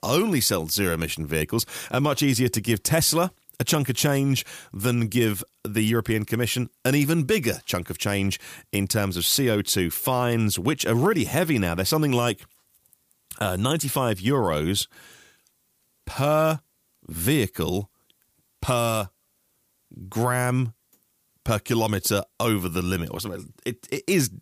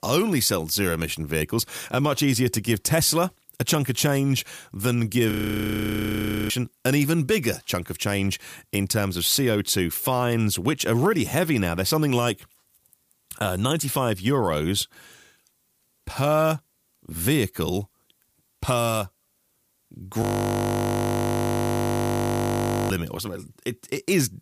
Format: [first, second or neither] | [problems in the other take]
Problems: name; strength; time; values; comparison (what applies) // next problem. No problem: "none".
first | audio freezing; at 5.5 s for 1 s and at 20 s for 2.5 s